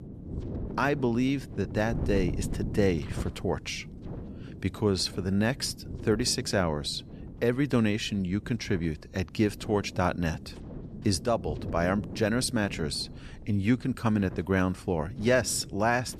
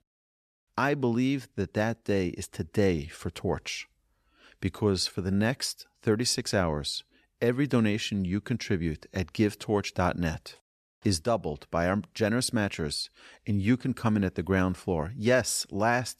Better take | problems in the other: second | wind noise on the microphone; occasional gusts; 15 dB below the speech

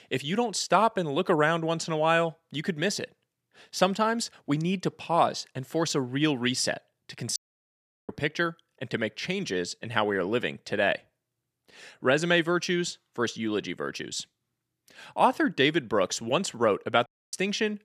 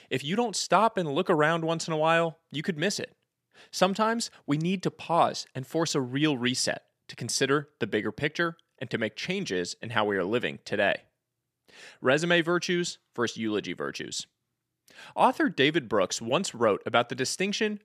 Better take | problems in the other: second | audio cutting out; at 7.5 s for 0.5 s and at 17 s

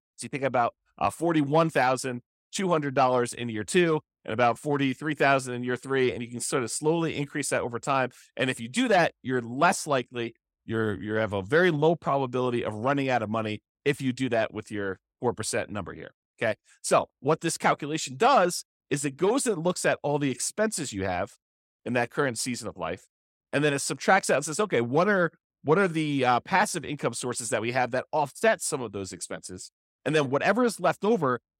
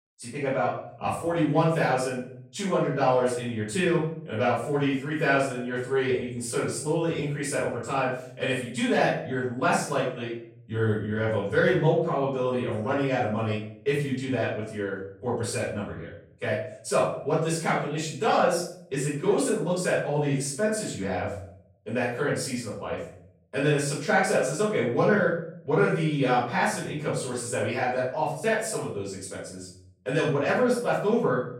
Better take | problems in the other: first | off-mic speech; far // room echo; noticeable; dies away in 0.6 s

